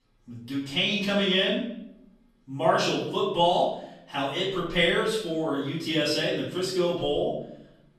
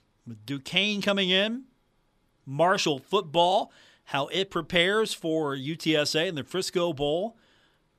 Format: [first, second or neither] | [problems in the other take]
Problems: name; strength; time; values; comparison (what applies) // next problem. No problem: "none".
second | room echo; noticeable; dies away in 0.7 s // off-mic speech; far